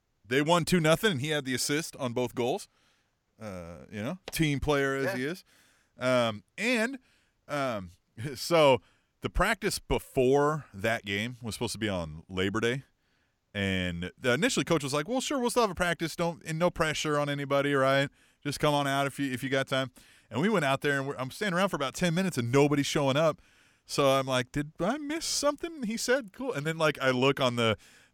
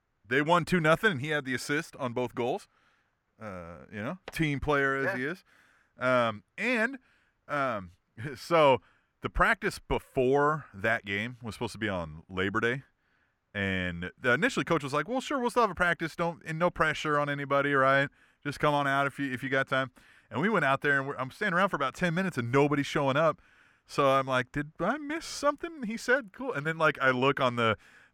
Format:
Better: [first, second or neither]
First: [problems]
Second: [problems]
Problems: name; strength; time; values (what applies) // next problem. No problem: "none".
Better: first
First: none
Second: muffled; slightly; fading above 3 kHz